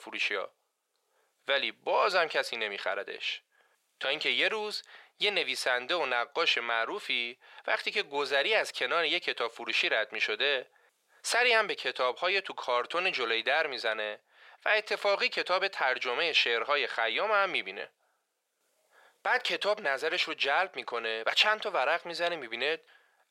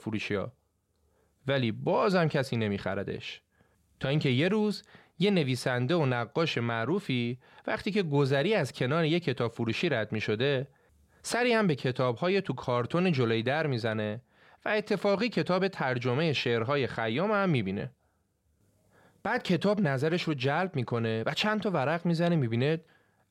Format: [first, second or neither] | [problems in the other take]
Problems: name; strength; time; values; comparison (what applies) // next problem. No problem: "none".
second | thin; very; fading below 550 Hz